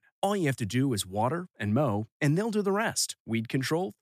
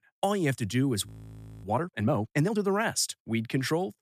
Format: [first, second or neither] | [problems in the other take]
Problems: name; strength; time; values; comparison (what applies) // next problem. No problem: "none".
first | audio freezing; at 1 s for 0.5 s